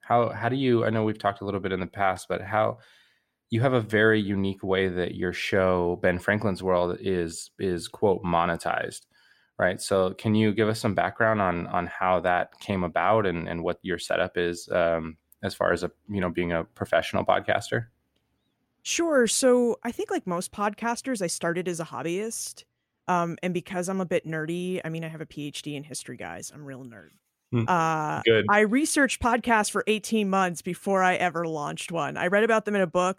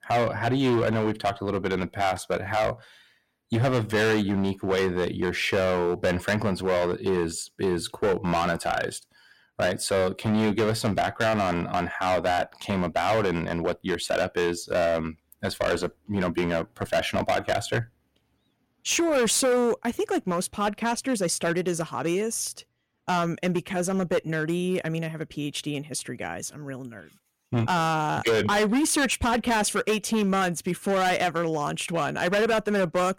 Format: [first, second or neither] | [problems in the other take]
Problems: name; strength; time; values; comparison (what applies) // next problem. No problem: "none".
first | distortion; heavy; 11% of the sound clipped